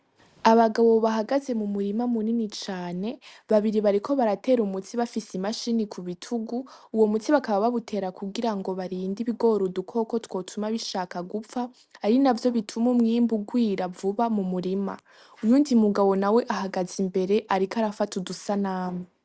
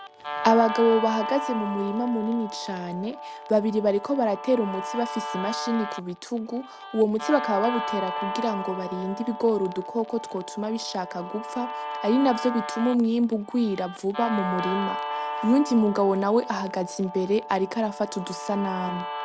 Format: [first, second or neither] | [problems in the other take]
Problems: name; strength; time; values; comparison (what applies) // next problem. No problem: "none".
first | background sound (Guitar); 8 dB below the speech